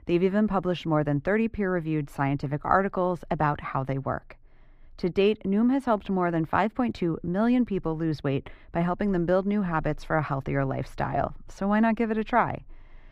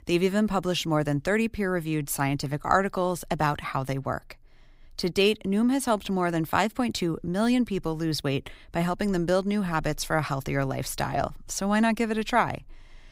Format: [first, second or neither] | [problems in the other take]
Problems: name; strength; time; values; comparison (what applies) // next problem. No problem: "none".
second | muffled; very; fading above 4 kHz